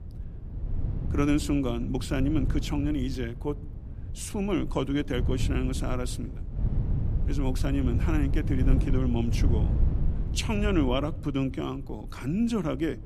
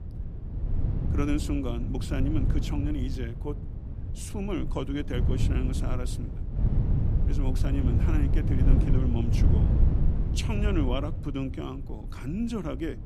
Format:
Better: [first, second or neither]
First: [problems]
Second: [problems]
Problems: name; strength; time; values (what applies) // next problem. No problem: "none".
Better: first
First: wind noise on the microphone; occasional gusts; 10 dB below the speech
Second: wind noise on the microphone; heavy; 4 dB below the speech